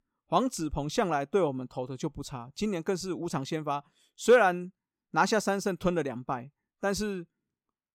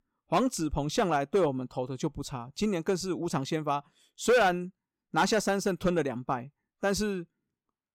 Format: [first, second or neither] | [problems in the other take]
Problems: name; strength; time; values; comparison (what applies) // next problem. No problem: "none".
first | distortion; slight; 3% of the sound clipped